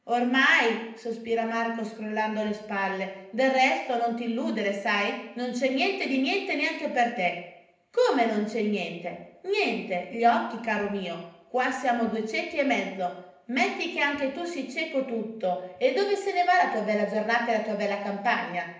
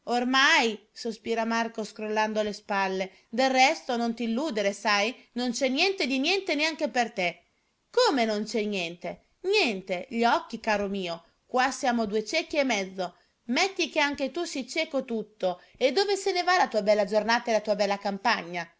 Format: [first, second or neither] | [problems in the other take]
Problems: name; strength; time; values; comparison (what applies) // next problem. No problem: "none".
second | room echo; dies away in 0.8 s